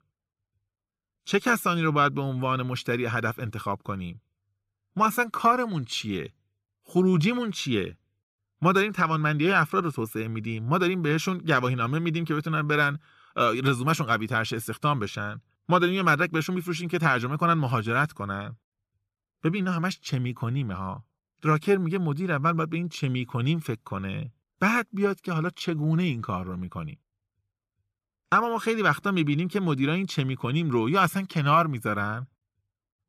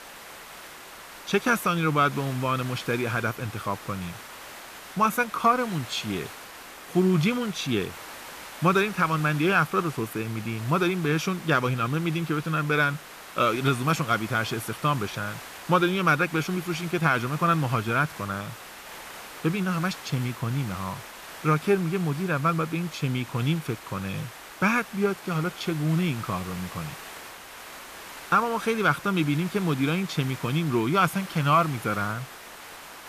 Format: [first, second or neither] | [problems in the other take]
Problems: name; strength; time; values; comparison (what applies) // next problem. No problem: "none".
first | hiss; noticeable; throughout; 15 dB below the speech